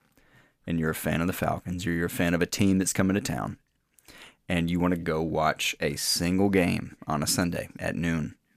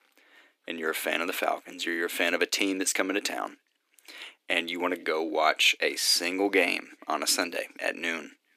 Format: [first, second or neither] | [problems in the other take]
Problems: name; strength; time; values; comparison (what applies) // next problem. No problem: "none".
first | thin; somewhat; fading below 300 Hz